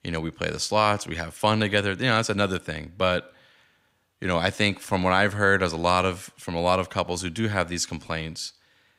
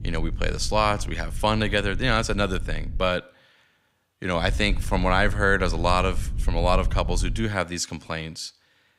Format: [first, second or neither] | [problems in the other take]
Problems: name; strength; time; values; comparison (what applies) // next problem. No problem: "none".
first | low rumble; faint; until 3 s and from 4.5 to 7.5 s; 25 dB below the speech